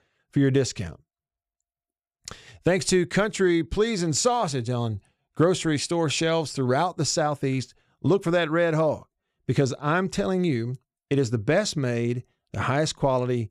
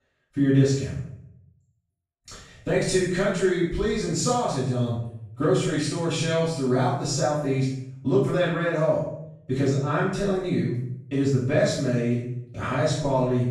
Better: first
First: none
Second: off-mic speech; far // room echo; strong; dies away in 0.6 s

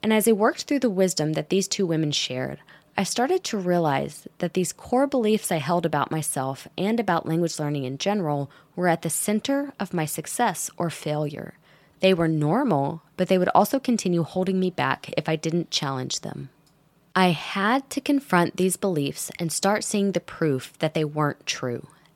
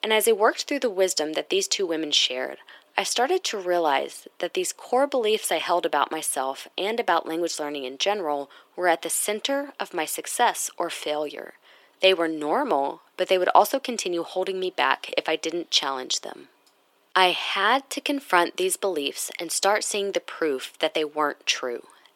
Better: first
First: none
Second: thin; somewhat; fading below 350 Hz

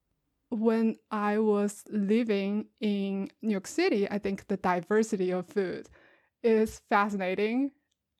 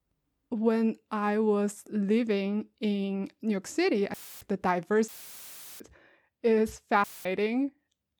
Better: first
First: none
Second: audio cutting out; filled with static; at 4 s, at 5 s for 0.5 s and at 7 s

